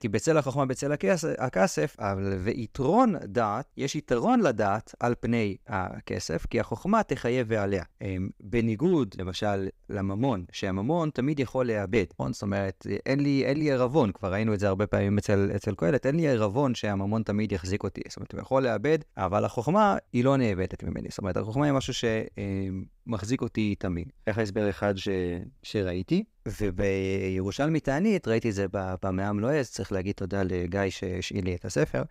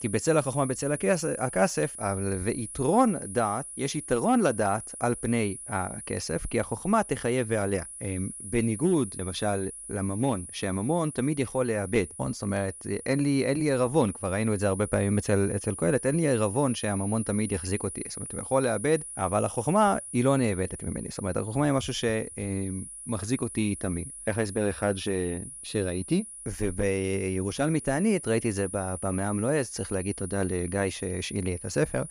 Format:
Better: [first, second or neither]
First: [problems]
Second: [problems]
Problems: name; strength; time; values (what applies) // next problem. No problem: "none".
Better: first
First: none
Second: high-pitched whine; noticeable; throughout; 9.5 kHz, 10 dB below the speech